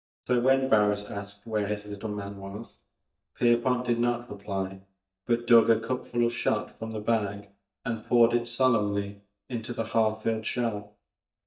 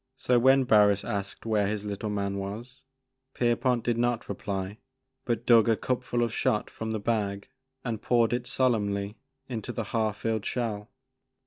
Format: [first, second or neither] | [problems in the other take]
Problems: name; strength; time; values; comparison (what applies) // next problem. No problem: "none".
second | noise reduction (neural mask model DeepFilterNet 3)